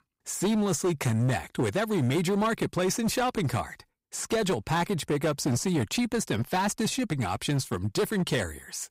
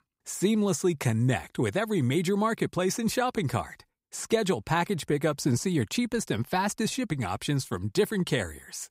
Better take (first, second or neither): second